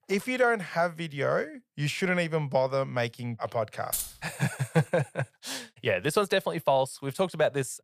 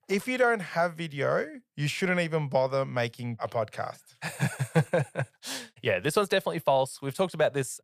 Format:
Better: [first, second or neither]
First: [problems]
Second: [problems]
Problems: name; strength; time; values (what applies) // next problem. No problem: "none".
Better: second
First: jangling keys; noticeable; at 4 s; peak 3 dB below the speech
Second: none